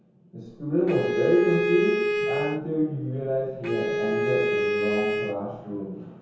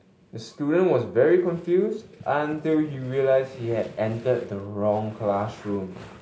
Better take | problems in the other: second | background sound (Bowed string instrument); as loud as the speech // room echo; dies away in 0.9 s

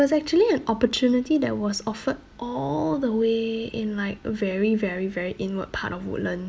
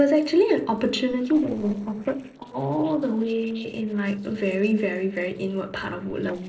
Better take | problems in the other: first | noise reduction (neural separator model SepFormer DNS4)

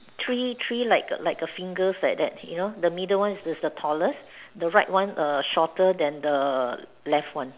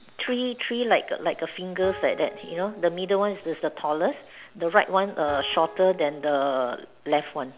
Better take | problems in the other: first | background sound (Piano); 17 dB below the speech

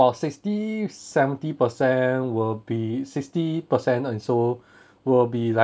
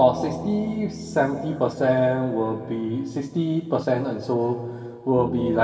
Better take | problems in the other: first | background sound (Bass guitar); 14 dB below the speech // room echo; dies away in 2.6 s

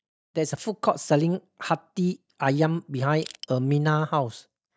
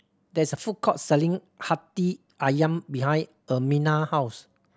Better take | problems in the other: second | noise reduction (neural mask model DeepFilterNet 3)

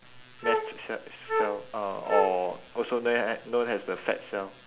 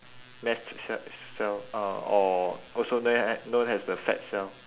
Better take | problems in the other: second | background sound (Wind instrument, woodwind instrument); 1 dB below the speech

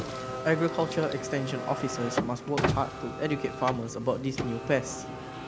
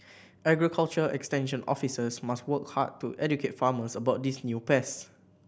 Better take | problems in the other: second | background sound (Car); 4 dB below the speech

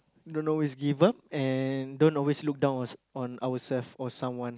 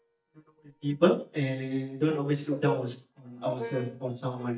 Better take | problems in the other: first | noise reduction (neural mask model DeepFilterNet 3)

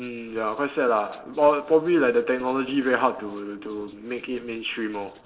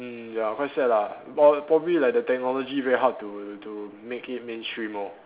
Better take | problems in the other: second | noise reduction (neural separator model SepFormer DNS4)

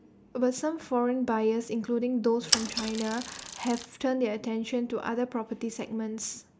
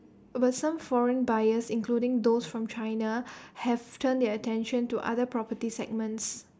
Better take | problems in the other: second | background sound (Mechanisms / Bicycle); 3 dB below the speech

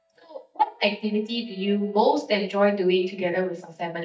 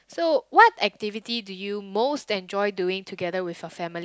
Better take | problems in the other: second | noise reduction (neural mask model DeepFilterNet 3)

